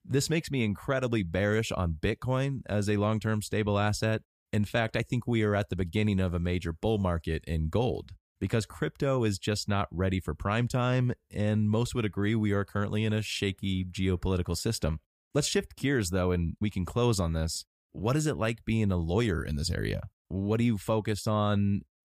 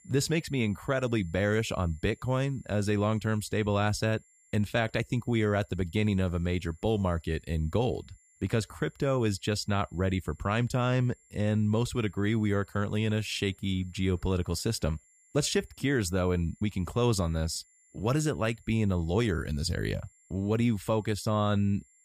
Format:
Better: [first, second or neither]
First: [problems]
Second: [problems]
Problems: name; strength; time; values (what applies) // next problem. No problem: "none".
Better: first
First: none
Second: high-pitched whine; faint; throughout; 7.5 kHz, 30 dB below the speech